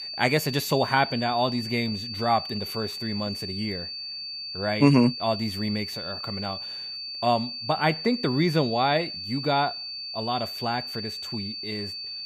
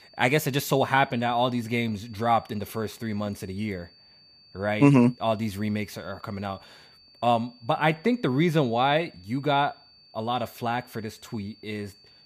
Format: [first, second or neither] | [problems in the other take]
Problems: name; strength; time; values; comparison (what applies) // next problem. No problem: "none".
second | high-pitched whine; loud; throughout; 4.5 kHz, 6 dB below the speech; faint in the second